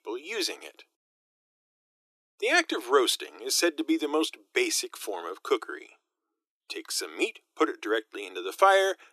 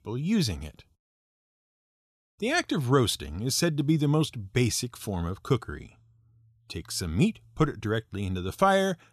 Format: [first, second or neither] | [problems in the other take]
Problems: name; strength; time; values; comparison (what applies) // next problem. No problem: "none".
second | thin; very; fading below 300 Hz